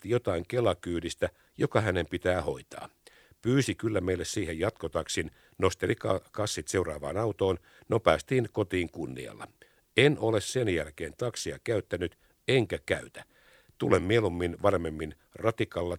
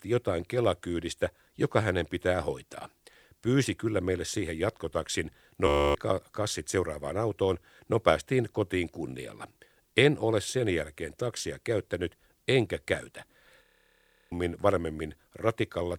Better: first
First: none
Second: audio freezing; at 5.5 s and at 14 s for 0.5 s

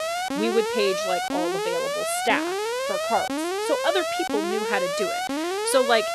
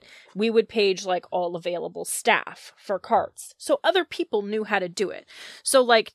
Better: second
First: alarm; loud; peak level with the speech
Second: none

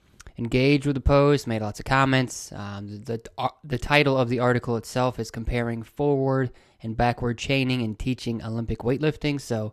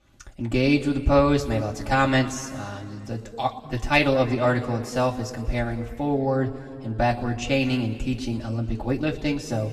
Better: first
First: none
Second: room echo; slight; dies away in 1.5 s // off-mic speech; far

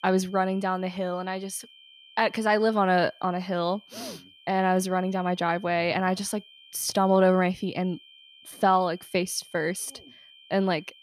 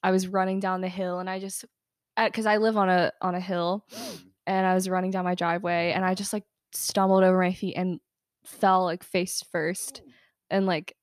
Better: second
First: high-pitched whine; faint; throughout; 3 kHz, 25 dB below the speech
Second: none

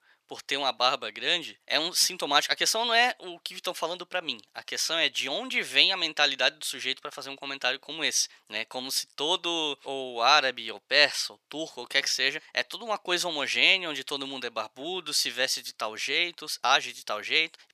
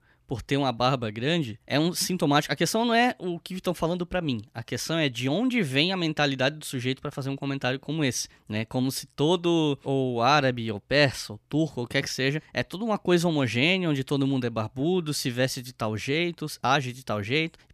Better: second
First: thin; very; fading below 650 Hz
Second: none

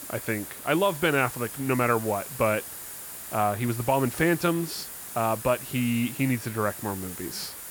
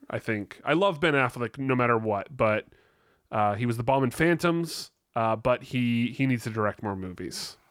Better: second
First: hiss; loud; throughout; 10 dB below the speech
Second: none

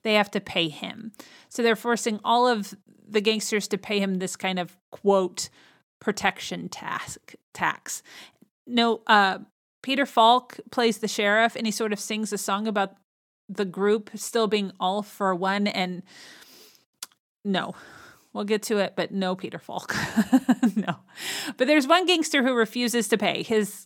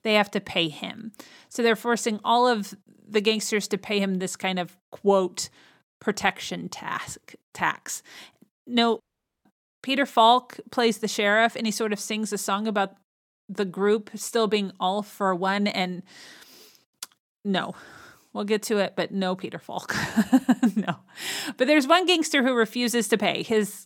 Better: first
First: none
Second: audio cutting out; at 9 s

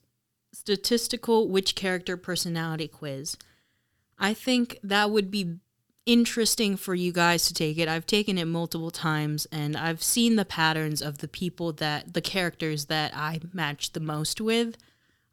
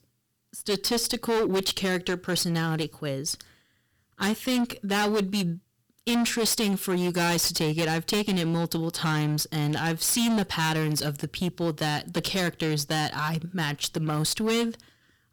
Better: first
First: none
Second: distortion; heavy; 16% of the sound clipped

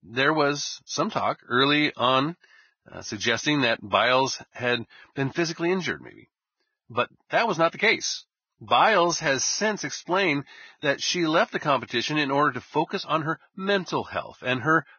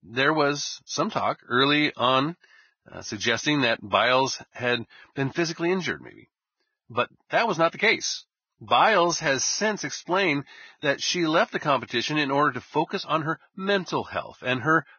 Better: neither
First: garbled, watery; badly; nothing above 6.5 kHz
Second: garbled, watery; badly; nothing above 6.5 kHz

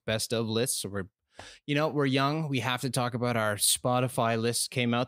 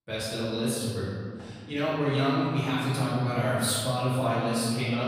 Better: first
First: none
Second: room echo; strong; dies away in 2.2 s // off-mic speech; far

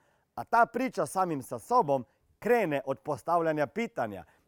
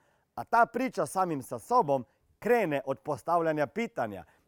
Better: neither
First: none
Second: none

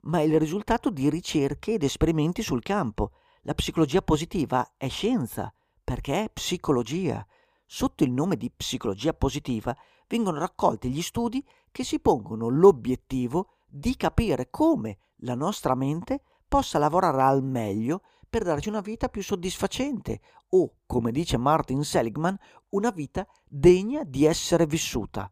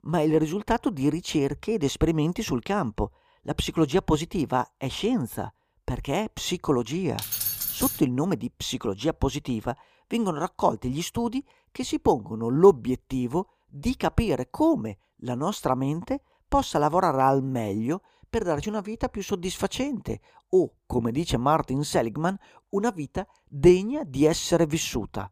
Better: first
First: none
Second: jangling keys; loud; at 7 s; peak level with the speech

